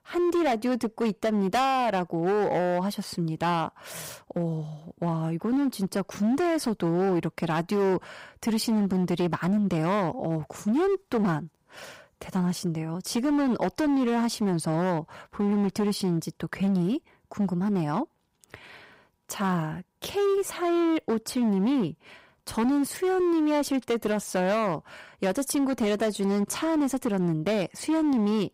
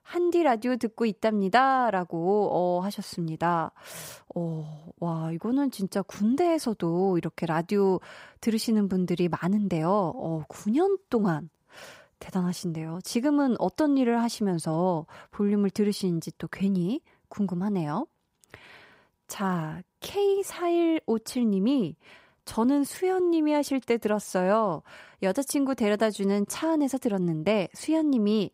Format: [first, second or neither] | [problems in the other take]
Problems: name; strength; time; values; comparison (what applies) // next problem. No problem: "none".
second | distortion; slight; 15% of the sound clipped